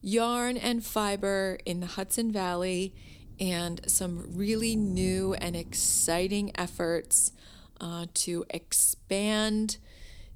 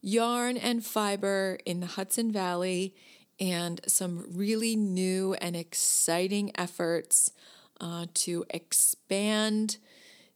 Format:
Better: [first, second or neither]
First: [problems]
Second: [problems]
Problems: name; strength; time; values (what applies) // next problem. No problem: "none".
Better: second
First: low rumble; faint; throughout; 25 dB below the speech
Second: none